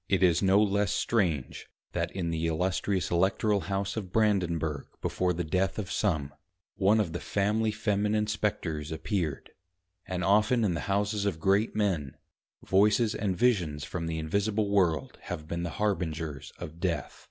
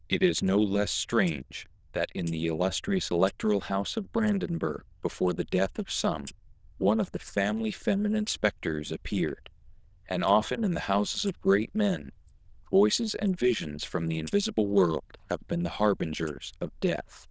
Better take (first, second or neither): first